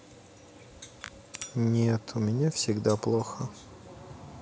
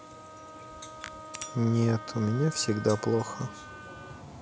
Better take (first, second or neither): first